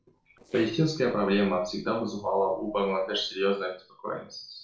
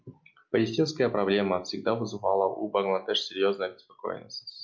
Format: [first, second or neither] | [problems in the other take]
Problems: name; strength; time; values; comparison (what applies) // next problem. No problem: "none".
second | noise reduction (neural separator model SepFormer DNS4)